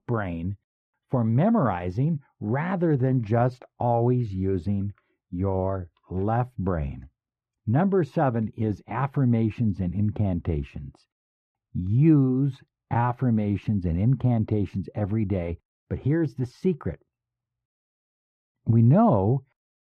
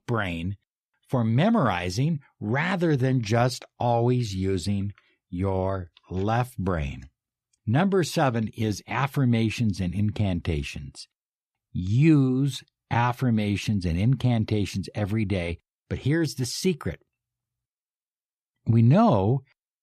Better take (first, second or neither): second